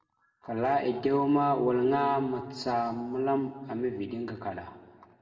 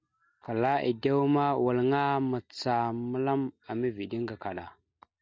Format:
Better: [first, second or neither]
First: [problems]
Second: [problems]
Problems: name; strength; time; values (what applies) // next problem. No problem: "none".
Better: second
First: room echo; dies away in 1.7 s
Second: none